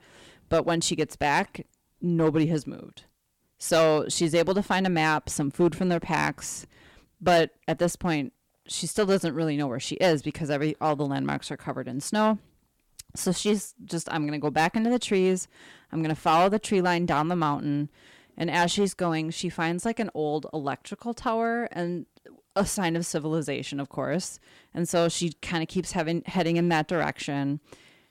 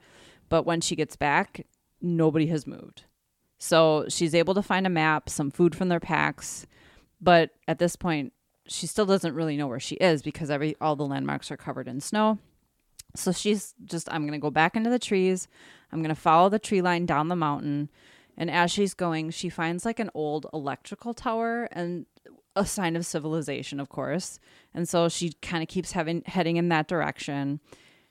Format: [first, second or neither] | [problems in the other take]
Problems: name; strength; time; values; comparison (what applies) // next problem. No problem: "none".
second | distortion; slight; 3% of the sound clipped